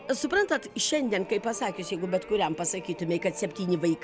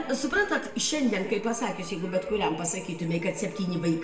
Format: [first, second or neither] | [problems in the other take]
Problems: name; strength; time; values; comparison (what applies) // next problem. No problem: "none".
first | background sound (Breathing); 20 dB below the speech // room echo; dies away in 0.6 s